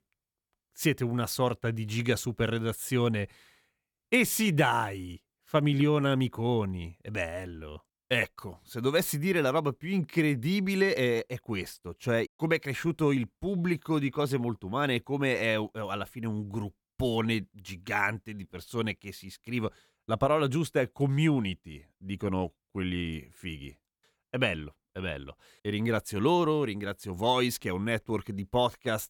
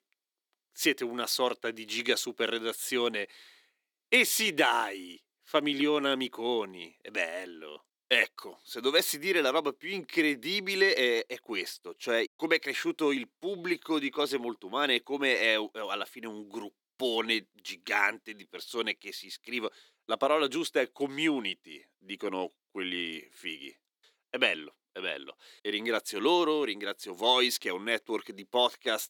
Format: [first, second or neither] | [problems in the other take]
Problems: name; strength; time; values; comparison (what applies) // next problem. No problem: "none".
first | thin; somewhat; fading below 300 Hz